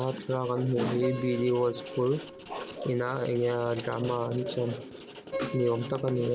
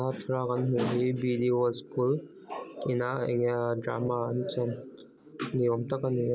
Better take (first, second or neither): second